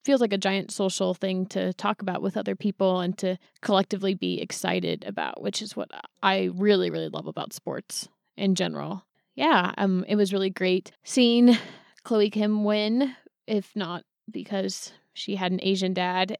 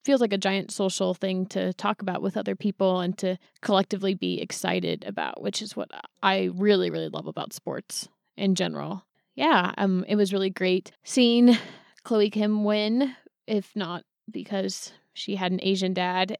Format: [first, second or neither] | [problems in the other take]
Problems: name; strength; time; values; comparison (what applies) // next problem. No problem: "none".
neither | none